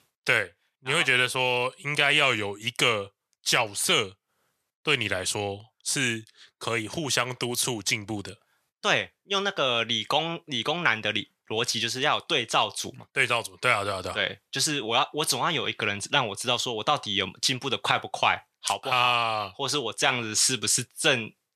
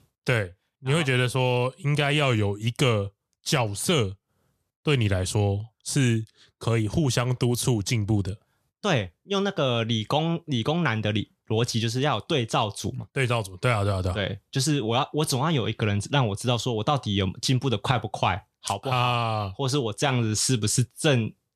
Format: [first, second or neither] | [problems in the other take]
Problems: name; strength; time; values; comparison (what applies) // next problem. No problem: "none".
second | thin; somewhat; fading below 800 Hz